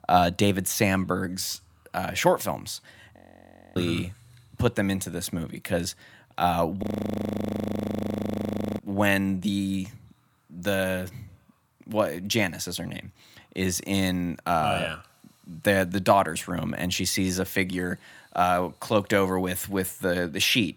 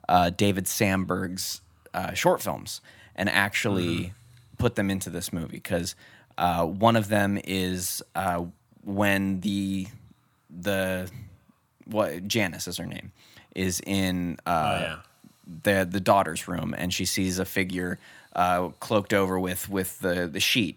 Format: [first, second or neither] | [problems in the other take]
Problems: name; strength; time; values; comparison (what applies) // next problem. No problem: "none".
second | audio freezing; at 3 s for 0.5 s and at 7 s for 2 s